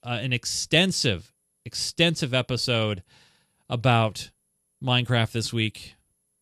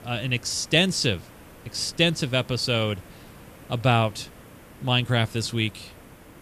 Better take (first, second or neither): first